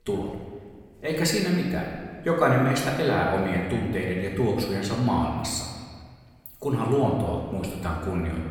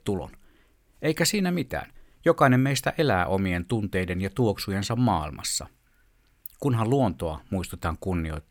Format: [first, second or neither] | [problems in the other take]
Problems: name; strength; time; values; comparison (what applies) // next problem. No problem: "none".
second | room echo; noticeable; dies away in 1.5 s // off-mic speech; far